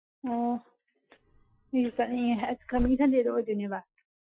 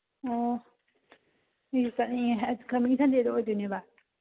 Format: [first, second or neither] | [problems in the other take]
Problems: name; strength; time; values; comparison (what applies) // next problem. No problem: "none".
second | noise reduction (classical method Wiener filter)